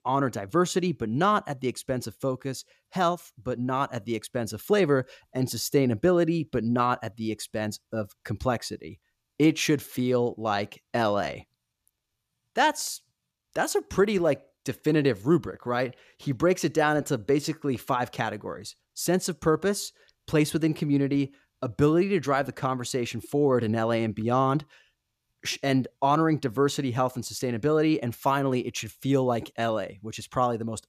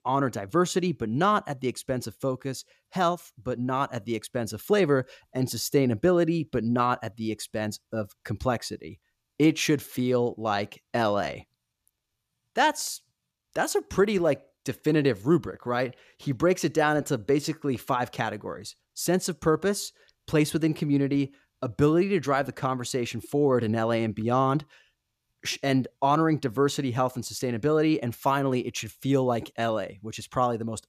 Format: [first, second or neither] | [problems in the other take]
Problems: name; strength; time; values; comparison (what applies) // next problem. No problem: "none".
neither | none